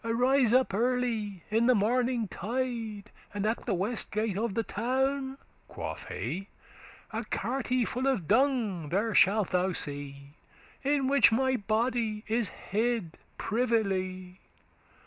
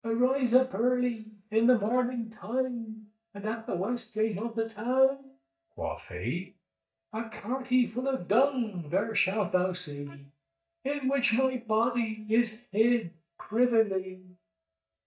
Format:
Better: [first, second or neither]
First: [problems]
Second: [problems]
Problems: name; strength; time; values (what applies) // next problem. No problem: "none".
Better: first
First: none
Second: noise reduction (neural mask model DeepFilterNet 3)